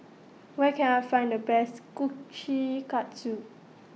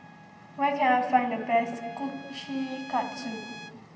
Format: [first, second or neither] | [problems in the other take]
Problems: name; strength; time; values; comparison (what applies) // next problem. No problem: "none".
first | background sound (Trumpet); 18 dB below the speech // room echo; dies away in 2 s